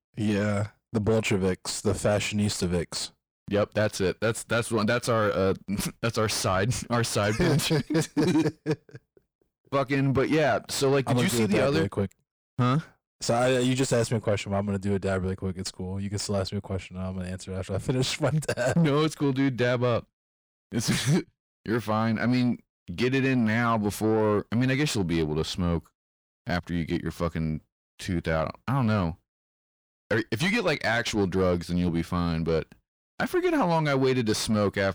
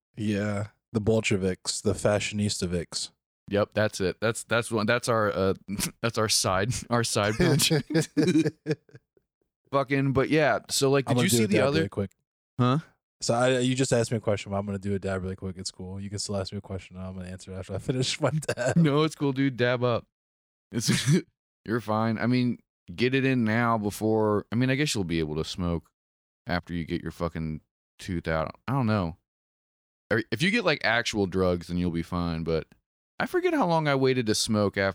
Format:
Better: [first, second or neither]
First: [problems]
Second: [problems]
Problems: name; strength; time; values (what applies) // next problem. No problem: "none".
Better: second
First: distortion; slight; 10 dB below the speech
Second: none